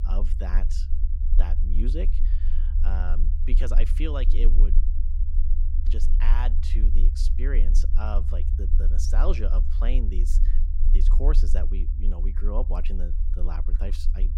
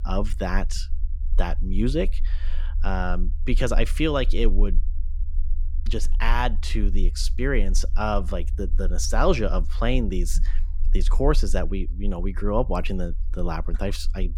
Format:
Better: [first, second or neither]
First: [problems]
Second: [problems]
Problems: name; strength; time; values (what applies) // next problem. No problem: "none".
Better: second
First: low rumble; loud; throughout; 9 dB below the speech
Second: low rumble; faint; throughout; 25 dB below the speech